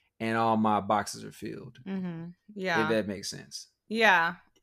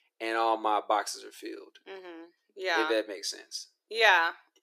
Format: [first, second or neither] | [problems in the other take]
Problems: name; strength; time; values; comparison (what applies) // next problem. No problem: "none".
first | thin; very; fading below 300 Hz